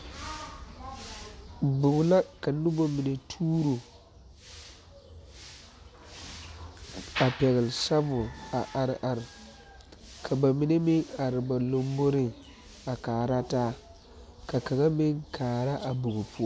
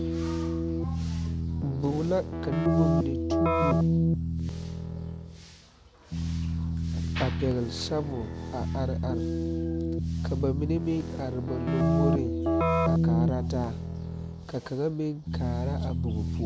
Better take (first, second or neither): first